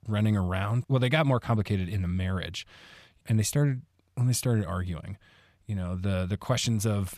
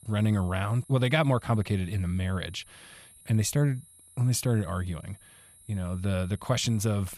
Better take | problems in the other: first | high-pitched whine; faint; throughout; 11 kHz, 25 dB below the speech

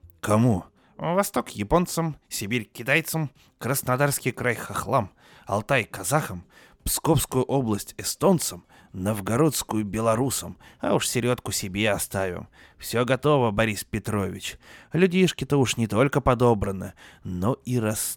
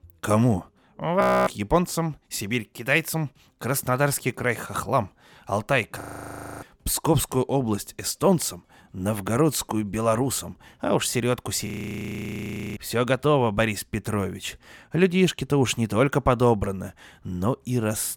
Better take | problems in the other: first | audio freezing; at 1 s, at 6 s for 0.5 s and at 12 s for 1 s

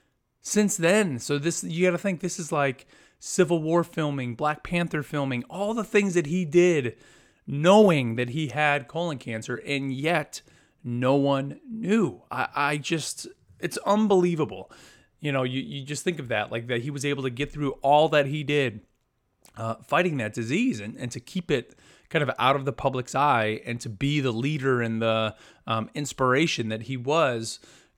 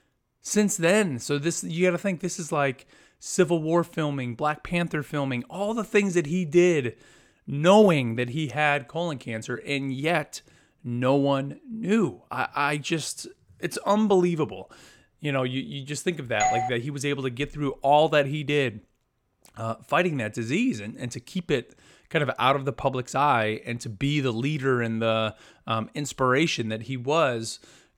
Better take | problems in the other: first | doorbell; loud; at 16 s; peak level with the speech

